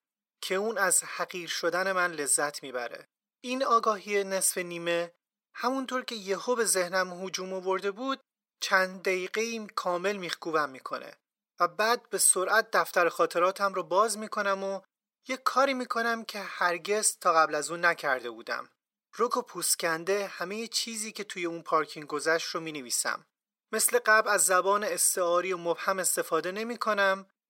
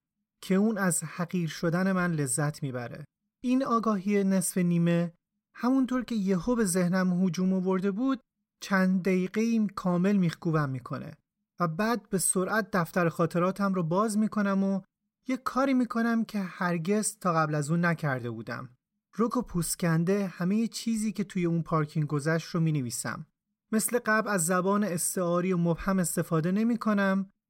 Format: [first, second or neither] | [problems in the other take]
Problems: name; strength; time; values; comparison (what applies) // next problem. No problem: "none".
second | thin; very; fading below 450 Hz